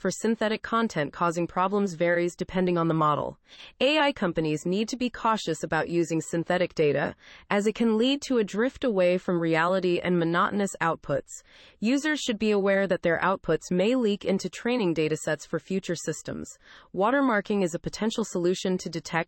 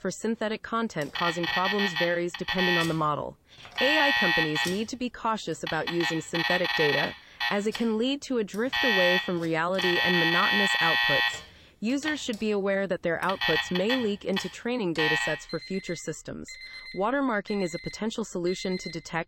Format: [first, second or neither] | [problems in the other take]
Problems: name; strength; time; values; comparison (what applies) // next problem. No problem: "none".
first | alarms or sirens; very loud; throughout; 3 dB above the speech